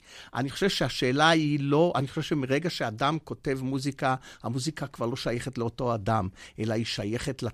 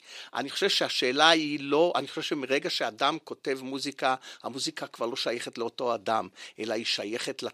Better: first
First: none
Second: thin; somewhat; fading below 400 Hz

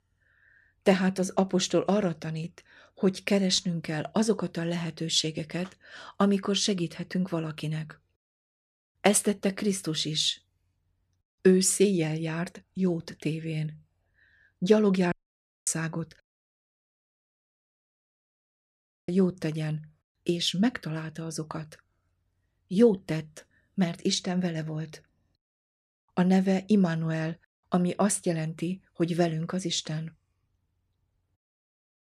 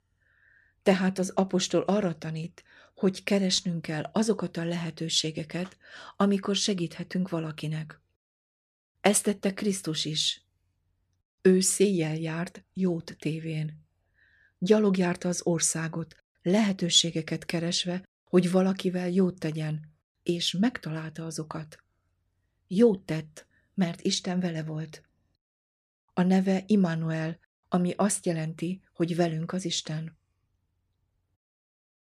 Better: second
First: audio cutting out; at 15 s for 0.5 s and at 16 s for 3 s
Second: none

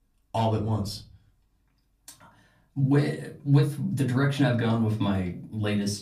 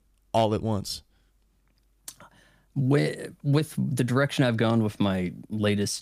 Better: second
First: off-mic speech; far // room echo; very slight; dies away in 0.4 s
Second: none

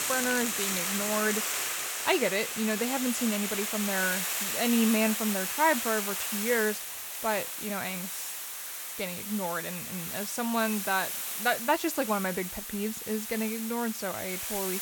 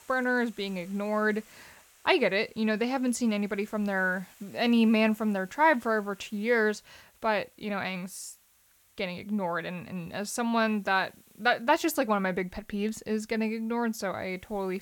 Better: second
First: hiss; loud; throughout; 1 dB below the speech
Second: hiss; faint; throughout; 30 dB below the speech

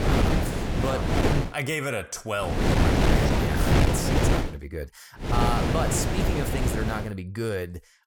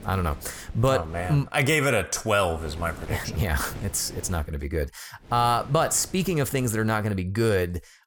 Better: second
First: wind noise on the microphone; heavy; until 1.5 s, from 2.5 to 4.5 s and from 5.5 to 7 s; 3 dB above the speech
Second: wind noise on the microphone; occasional gusts; until 1.5 s, from 2.5 to 4.5 s and from 5.5 to 7 s; 20 dB below the speech

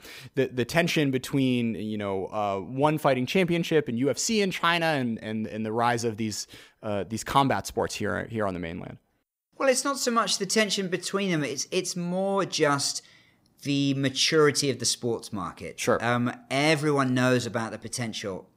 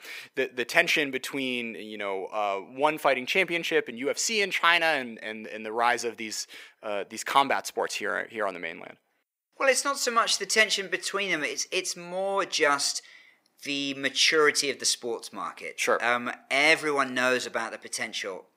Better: first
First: none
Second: thin; somewhat; fading below 400 Hz

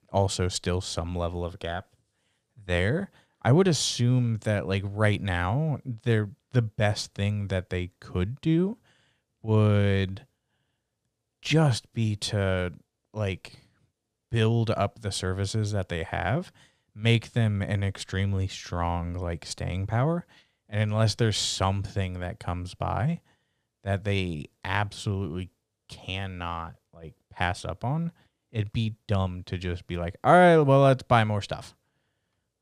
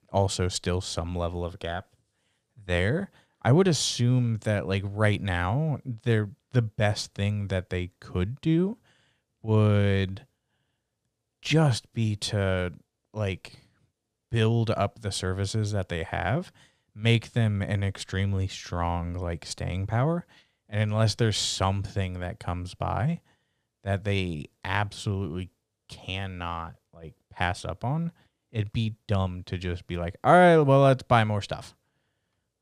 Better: neither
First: none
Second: none

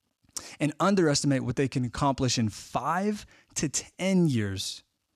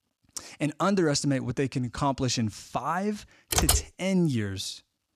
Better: first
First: none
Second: keyboard typing; loud; at 3.5 s; peak 4 dB above the speech

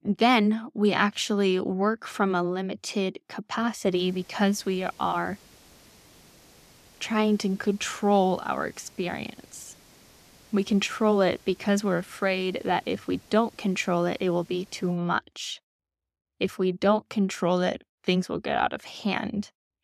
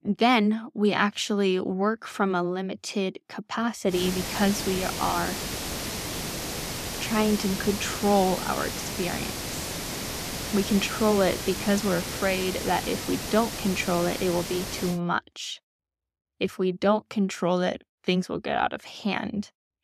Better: first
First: hiss; faint; from 4 to 15 s; 25 dB below the speech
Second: hiss; loud; from 4 to 15 s; 5 dB below the speech

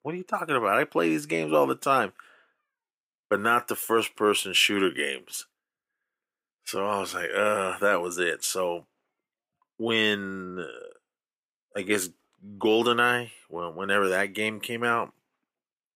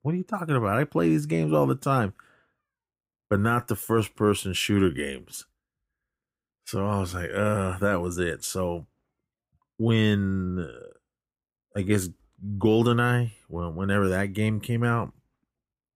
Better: second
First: thin; somewhat; fading below 400 Hz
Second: none

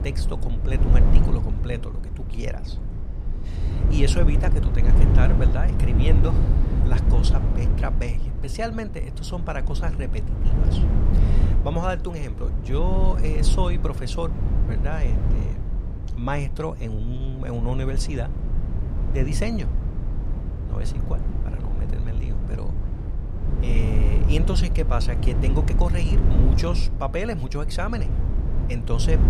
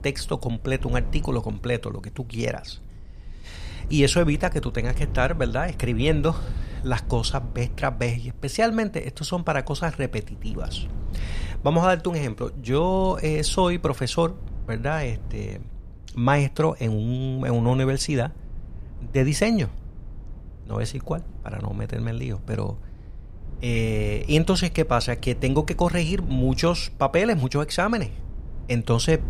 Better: second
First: low rumble; loud; throughout; 5 dB below the speech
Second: low rumble; faint; throughout; 25 dB below the speech

